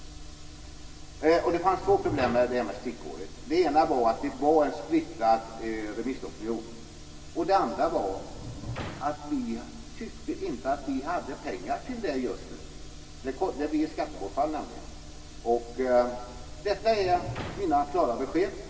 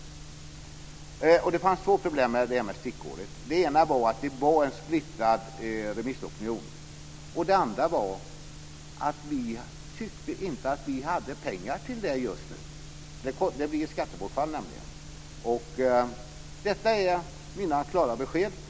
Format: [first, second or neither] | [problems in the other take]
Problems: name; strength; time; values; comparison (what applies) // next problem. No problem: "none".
second | background sound (Sliding door); 13 dB below the speech // room echo; dies away in 2.1 s